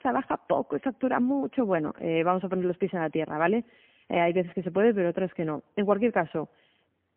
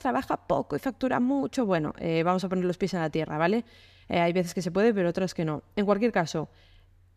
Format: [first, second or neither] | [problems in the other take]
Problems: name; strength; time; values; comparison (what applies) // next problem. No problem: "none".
second | phone-call audio; poor line; nothing above 3 kHz